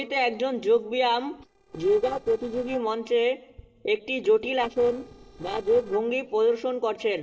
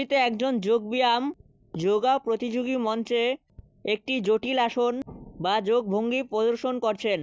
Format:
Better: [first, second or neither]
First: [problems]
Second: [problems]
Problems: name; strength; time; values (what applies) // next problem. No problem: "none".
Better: second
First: noise reduction (neural separator model SepFormer DNS4)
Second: none